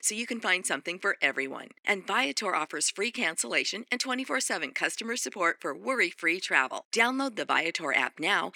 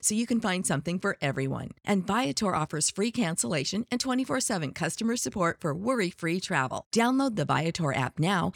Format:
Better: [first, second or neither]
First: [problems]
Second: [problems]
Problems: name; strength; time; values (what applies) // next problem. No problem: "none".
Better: second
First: thin; somewhat; fading below 300 Hz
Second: none